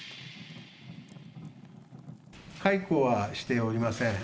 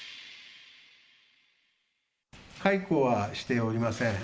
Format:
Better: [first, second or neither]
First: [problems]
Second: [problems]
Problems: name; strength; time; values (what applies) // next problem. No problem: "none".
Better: second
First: background sound (Fire); 17 dB below the speech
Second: none